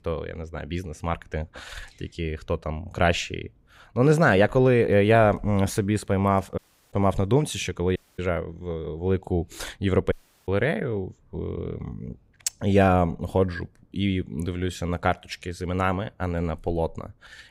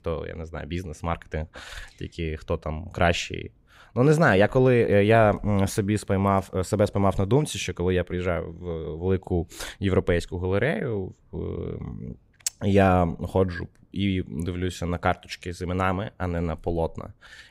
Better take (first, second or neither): second